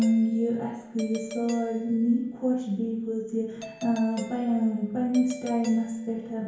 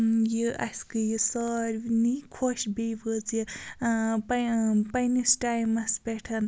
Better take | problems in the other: second | background sound (Doorbell); 17 dB below the speech // room echo; dies away in 1 s

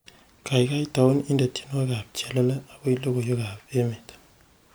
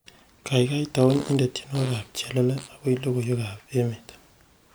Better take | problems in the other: first | background sound (Fart); 17 dB below the speech

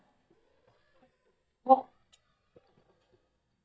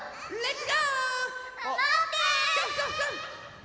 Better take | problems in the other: second | noise reduction (neural mask model DeepFilterNet 3)

